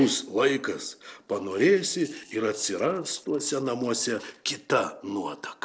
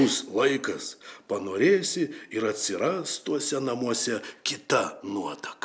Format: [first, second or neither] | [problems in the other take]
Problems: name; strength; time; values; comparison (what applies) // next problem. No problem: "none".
second | noise reduction (neural separator model SepFormer DNS4)